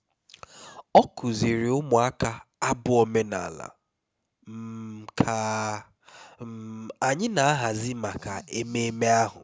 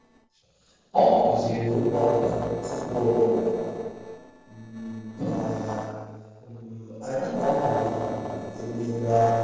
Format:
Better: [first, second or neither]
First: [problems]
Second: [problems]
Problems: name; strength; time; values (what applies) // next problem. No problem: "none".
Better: first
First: none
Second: noise reduction (neural separator model SepFormer DNS4)